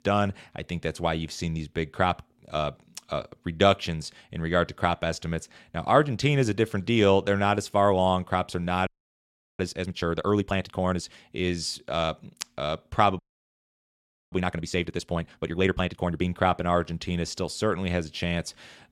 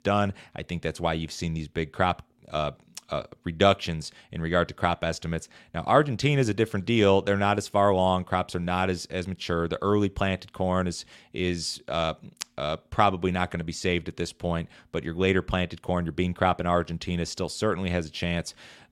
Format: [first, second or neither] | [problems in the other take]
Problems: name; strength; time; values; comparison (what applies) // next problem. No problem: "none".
second | audio freezing; at 9 s for 0.5 s and at 13 s for 1 s